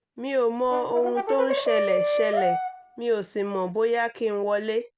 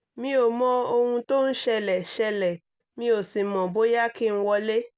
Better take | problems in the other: second | background sound (Brass instrument); 1 dB below the speech

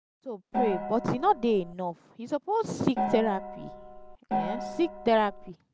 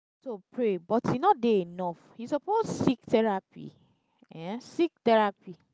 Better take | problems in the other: second | background sound (Gong); 5 dB below the speech

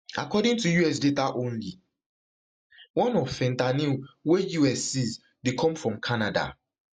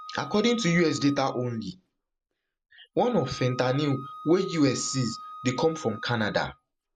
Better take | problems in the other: first | background sound (Wind instrument, woodwind instrument); 17 dB below the speech

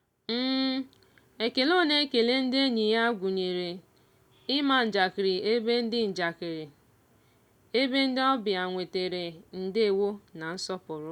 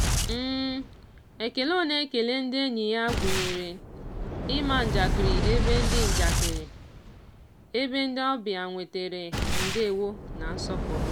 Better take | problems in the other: first | background sound (Boom); 1 dB above the speech

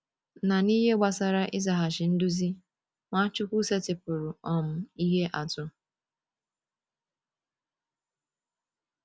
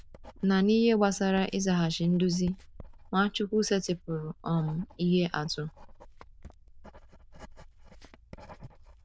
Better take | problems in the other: first | noise reduction (neural diffusion model UNIVERSE++)

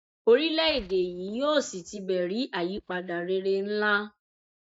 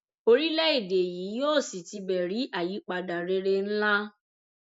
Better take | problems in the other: second | noise reduction (neural mask model DeepFilterNet 3)

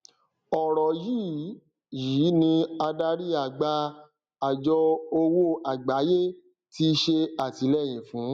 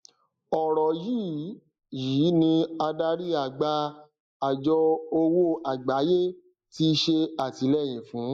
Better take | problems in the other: first | noise reduction (neural mask model Resemble Enhance denoiser)

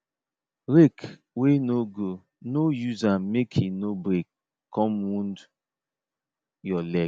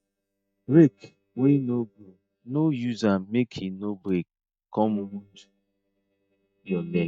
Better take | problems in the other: first | noise reduction (neural mask model DeepFilterNet 3)

